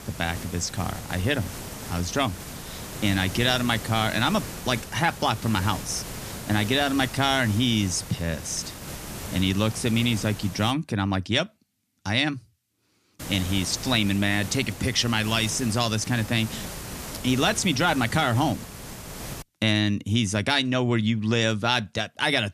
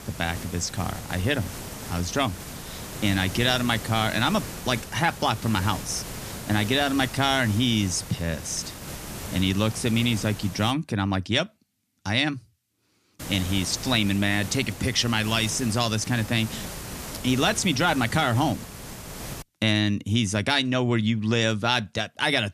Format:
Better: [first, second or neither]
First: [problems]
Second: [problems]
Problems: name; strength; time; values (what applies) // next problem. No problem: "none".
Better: neither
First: hiss; noticeable; until 11 s and from 13 to 19 s; 10 dB below the speech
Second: hiss; noticeable; until 11 s and from 13 to 19 s; 10 dB below the speech